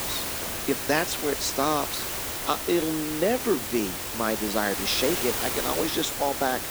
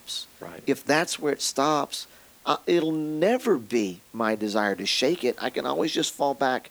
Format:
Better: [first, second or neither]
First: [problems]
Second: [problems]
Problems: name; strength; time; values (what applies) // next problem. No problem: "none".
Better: second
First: hiss; loud; throughout; 2 dB below the speech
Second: hiss; faint; throughout; 25 dB below the speech